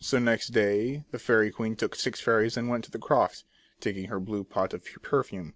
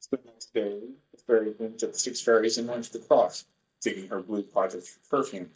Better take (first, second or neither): first